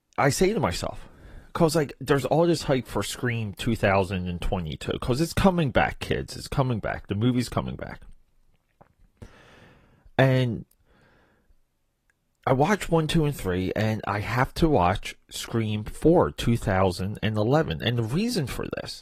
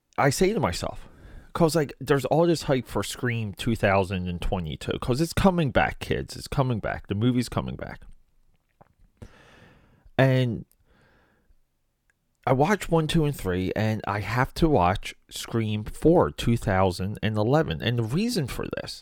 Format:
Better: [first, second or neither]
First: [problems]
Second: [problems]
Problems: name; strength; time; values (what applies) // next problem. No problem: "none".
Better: second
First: garbled, watery; slightly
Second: none